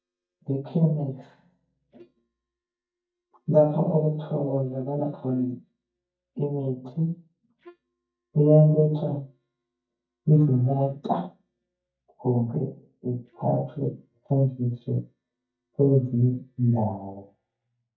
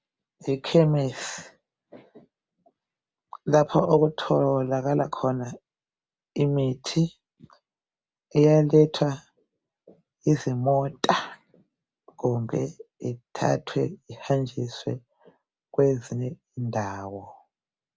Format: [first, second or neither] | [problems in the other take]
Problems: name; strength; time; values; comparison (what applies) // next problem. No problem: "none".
second | noise reduction (neural mask model DeepFilterNet 3)